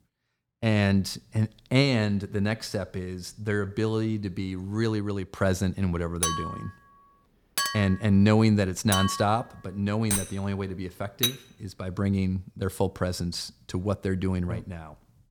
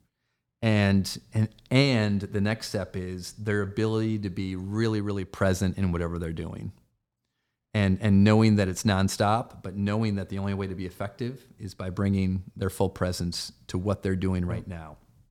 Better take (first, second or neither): second